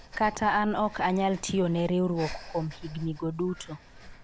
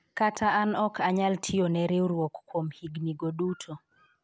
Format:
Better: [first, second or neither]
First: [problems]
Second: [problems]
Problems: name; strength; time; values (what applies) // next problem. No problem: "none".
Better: second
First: background sound (Breathing); 15 dB below the speech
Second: none